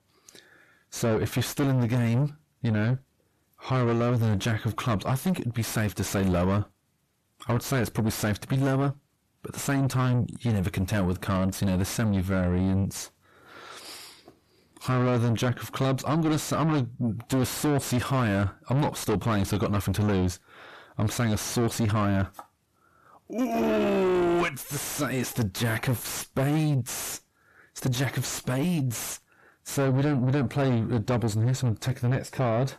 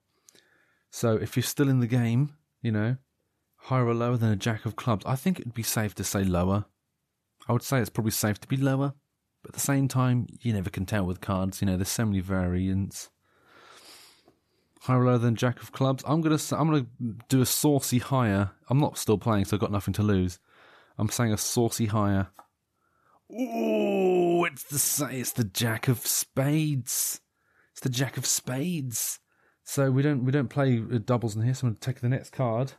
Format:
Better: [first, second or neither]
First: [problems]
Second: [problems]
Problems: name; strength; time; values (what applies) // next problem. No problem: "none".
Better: second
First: distortion; heavy; 7 dB below the speech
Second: none